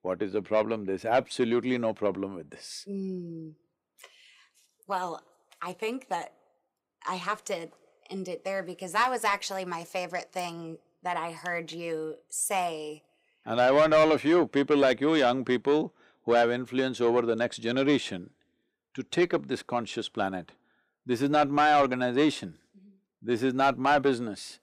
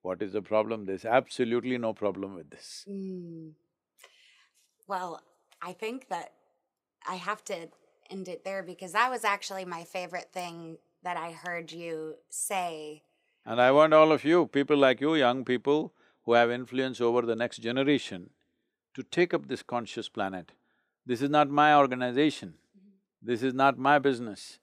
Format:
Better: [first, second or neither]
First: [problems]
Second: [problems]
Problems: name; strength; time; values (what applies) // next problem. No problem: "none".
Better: second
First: distortion; slight; 10 dB below the speech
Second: none